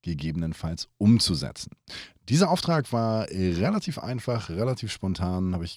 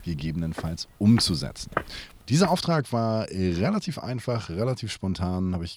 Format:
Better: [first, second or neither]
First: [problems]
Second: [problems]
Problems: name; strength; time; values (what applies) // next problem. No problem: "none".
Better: first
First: none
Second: footsteps; noticeable; from 0.5 to 2.5 s; peak 6 dB below the speech